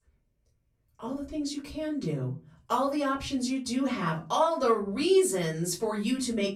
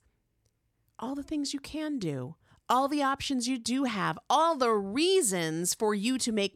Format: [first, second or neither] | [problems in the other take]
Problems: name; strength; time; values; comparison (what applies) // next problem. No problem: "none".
second | off-mic speech; far // room echo; very slight; dies away in 0.3 s